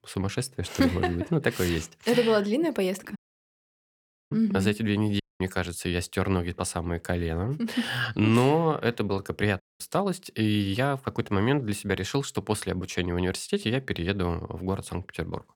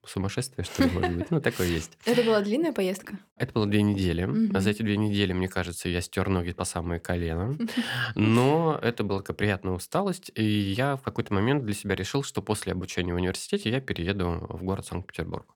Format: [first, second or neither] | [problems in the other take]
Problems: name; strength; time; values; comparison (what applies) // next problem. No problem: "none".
second | audio cutting out; at 3 s for 1 s, at 5 s and at 9.5 s